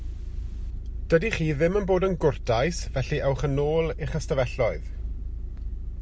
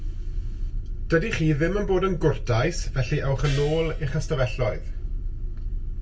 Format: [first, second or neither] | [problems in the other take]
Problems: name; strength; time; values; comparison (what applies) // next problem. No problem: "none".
first | background sound (Gong); 18 dB below the speech // room echo; dies away in 0.2 s